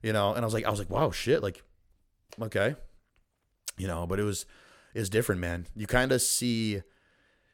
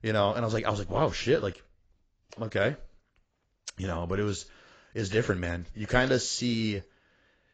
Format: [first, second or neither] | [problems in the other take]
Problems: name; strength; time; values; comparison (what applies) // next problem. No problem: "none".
first | garbled, watery; badly; nothing above 7.5 kHz